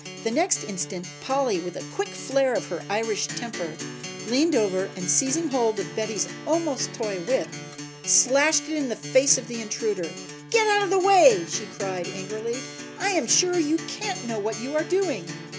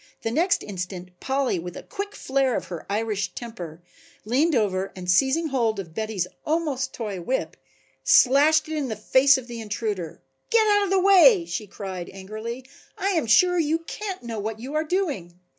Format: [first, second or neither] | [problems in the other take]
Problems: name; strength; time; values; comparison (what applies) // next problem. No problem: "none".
second | background sound (Acoustic guitar); 12 dB below the speech